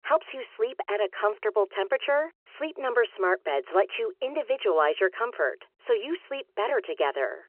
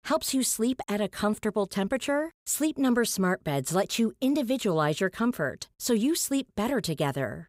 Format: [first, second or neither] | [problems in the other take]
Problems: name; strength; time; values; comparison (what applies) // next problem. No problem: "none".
second | phone-call audio; nothing above 3 kHz